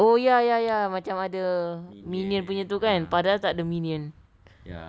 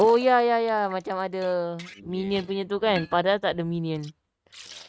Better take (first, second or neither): first